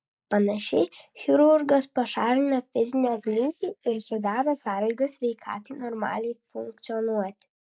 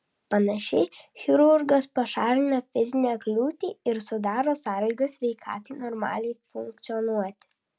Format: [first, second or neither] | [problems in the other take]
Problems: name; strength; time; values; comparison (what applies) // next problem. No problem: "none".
second | noise reduction (neural mask model Resemble Enhance denoiser)